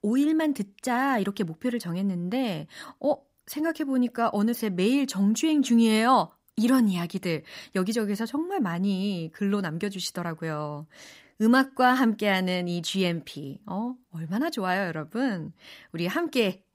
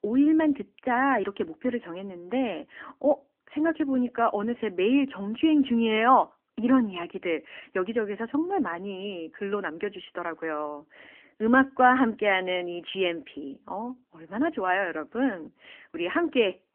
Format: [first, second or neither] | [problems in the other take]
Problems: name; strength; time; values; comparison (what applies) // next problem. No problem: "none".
first | phone-call audio; nothing above 3 kHz